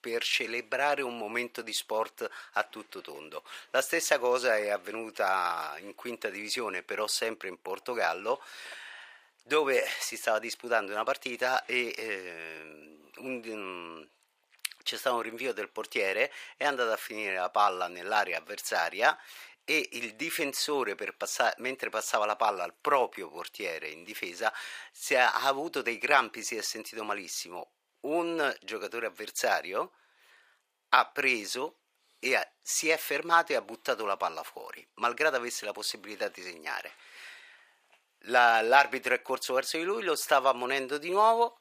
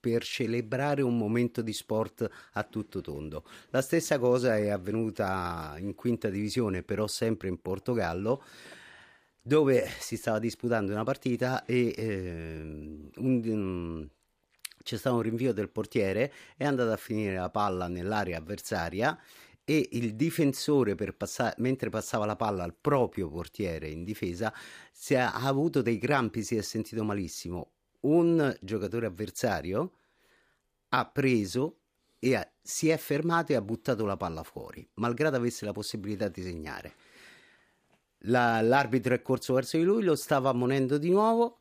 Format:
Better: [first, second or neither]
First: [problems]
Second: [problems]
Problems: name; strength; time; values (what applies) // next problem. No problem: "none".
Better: second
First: thin; very; fading below 800 Hz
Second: none